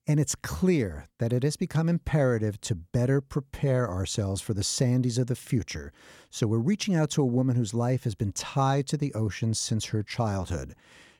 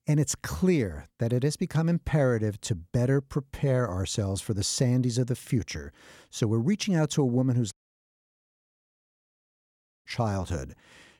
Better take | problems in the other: first | audio cutting out; at 7.5 s for 2.5 s

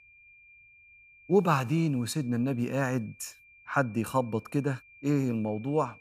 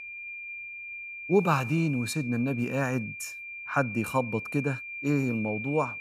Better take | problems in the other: first | high-pitched whine; loud; throughout; 2.5 kHz, 8 dB below the speech; faint in the first

